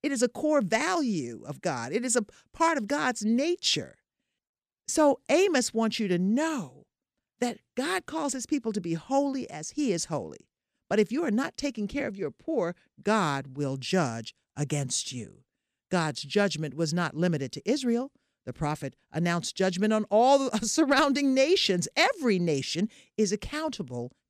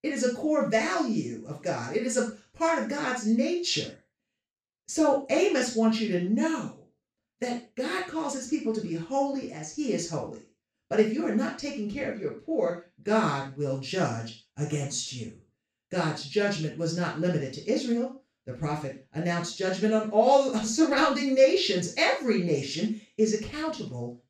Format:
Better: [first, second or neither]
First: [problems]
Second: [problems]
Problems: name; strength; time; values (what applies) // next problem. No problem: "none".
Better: first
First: none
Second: room echo; noticeable; dies away in 0.3 s // off-mic speech; far